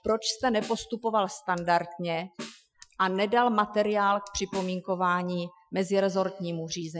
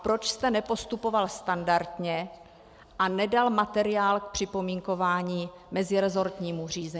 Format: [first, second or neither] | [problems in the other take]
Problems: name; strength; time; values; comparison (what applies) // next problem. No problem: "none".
second | noise reduction (classical method Wiener filter)